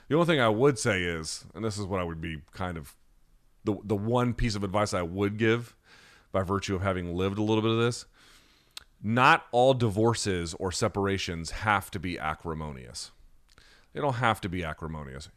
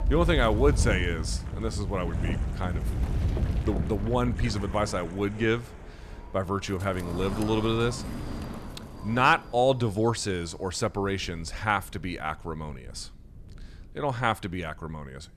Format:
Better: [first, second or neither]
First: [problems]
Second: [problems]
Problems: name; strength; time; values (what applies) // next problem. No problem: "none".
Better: first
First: none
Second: wind noise on the microphone; occasional gusts; 15 dB below the speech